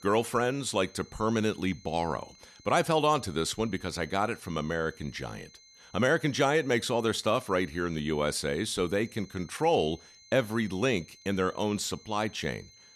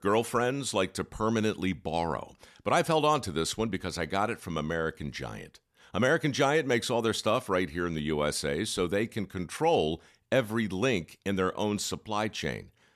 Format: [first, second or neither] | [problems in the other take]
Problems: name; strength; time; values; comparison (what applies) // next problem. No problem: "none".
second | high-pitched whine; faint; throughout; 4 kHz, 25 dB below the speech